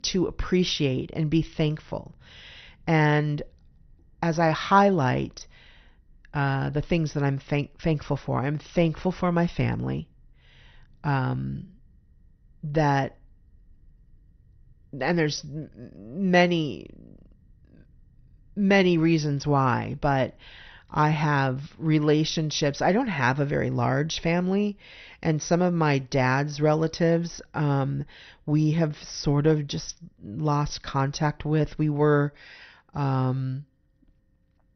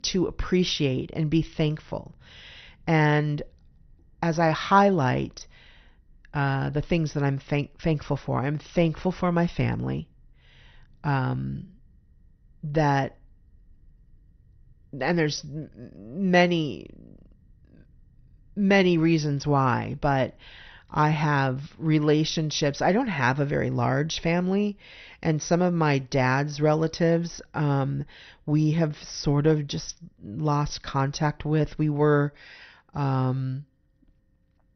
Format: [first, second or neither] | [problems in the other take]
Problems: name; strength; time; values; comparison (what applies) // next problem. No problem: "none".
neither | garbled, watery; slightly; nothing above 6 kHz; the same in both